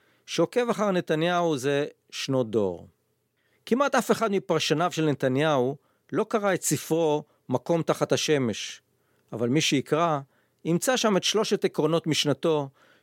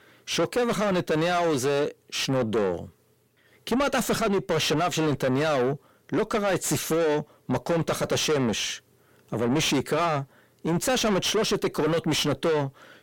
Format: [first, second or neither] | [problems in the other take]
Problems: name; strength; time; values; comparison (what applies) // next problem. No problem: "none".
first | distortion; heavy; 6 dB below the speech